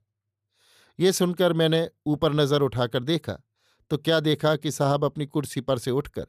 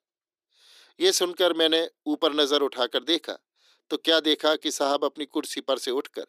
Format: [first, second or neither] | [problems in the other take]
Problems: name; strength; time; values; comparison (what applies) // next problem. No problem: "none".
first | thin; somewhat; fading below 300 Hz